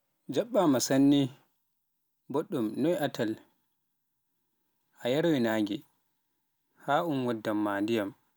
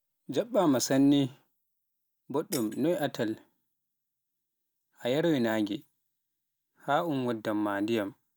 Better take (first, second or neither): first